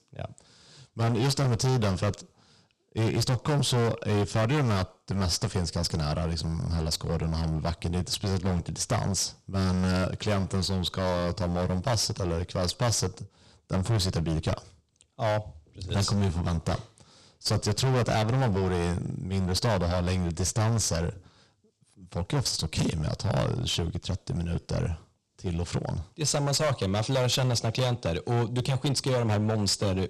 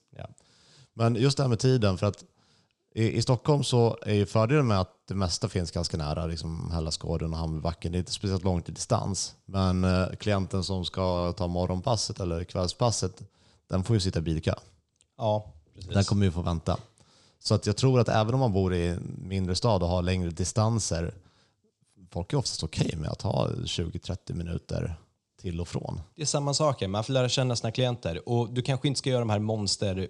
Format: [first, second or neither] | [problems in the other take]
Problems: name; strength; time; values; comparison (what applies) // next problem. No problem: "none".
second | distortion; heavy; 15% of the sound clipped